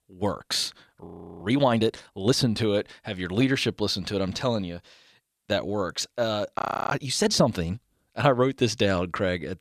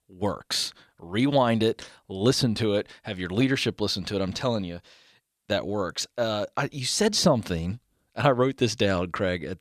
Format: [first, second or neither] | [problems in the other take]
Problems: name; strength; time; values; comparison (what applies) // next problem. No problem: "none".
second | audio freezing; at 1 s and at 6.5 s